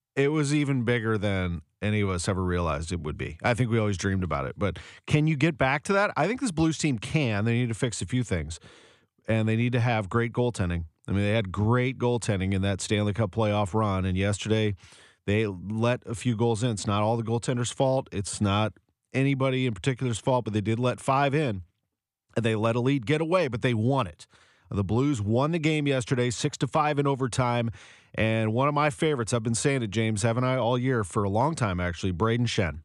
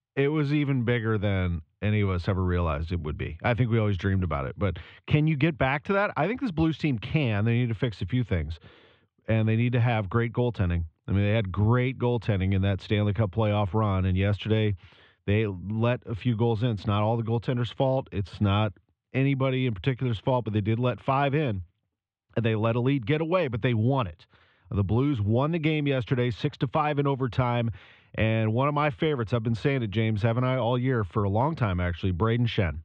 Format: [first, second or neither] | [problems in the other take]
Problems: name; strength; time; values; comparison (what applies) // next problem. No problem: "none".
first | muffled; slightly; fading above 3.5 kHz